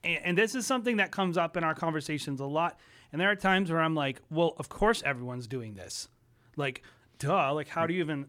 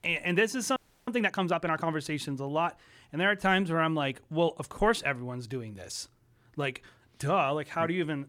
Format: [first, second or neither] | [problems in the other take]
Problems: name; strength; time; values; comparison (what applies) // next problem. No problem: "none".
first | audio freezing; at 1 s